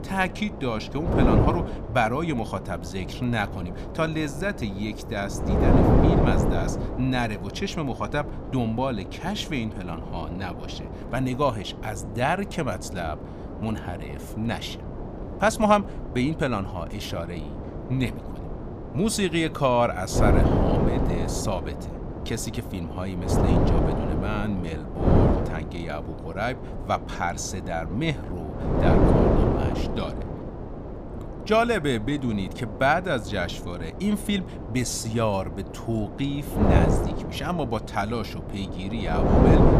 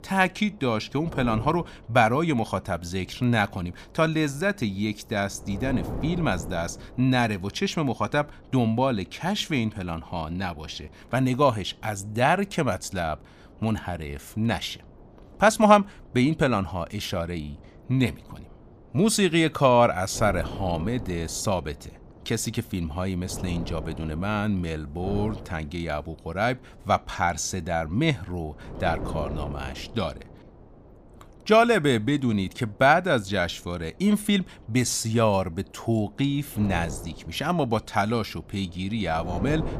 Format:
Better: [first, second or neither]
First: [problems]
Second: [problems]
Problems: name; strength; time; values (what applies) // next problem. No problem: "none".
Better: second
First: wind noise on the microphone; heavy; 3 dB below the speech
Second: wind noise on the microphone; occasional gusts; 20 dB below the speech